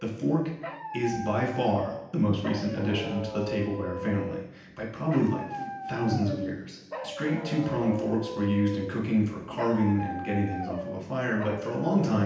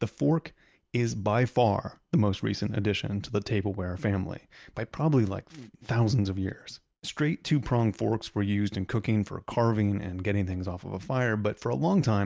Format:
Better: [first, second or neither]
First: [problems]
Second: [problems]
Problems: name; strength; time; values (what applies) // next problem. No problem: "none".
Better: second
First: background sound (Dog); 10 dB below the speech // room echo; dies away in 0.9 s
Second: none